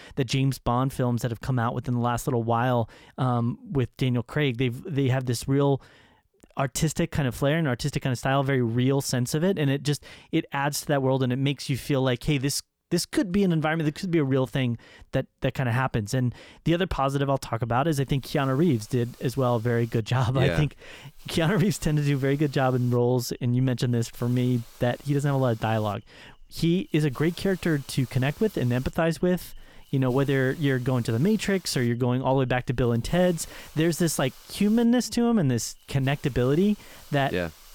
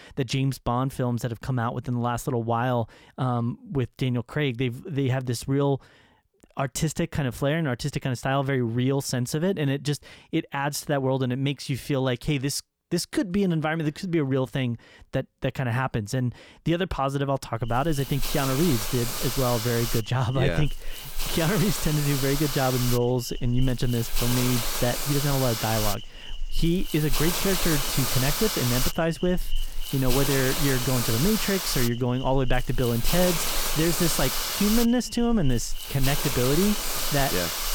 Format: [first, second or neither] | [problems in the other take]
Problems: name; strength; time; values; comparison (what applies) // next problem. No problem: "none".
first | hiss; loud; from 18 s on; 2 dB below the speech; faint in the first